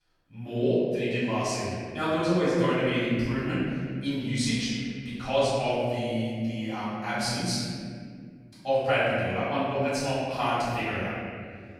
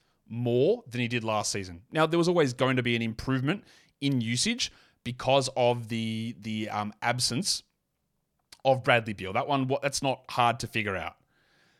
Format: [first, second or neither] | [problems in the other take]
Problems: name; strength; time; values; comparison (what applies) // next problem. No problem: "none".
second | room echo; strong; dies away in 2.3 s // off-mic speech; far